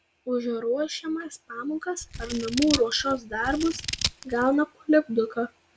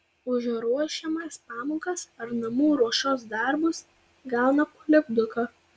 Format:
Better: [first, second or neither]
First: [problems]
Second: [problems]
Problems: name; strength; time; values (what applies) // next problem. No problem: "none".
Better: second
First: background sound (Scissors); 7 dB below the speech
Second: none